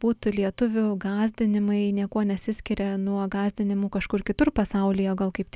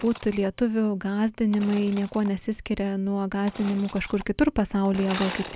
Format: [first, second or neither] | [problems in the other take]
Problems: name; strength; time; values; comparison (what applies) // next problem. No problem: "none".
first | background sound (Sawing / Engine); 17 dB below the speech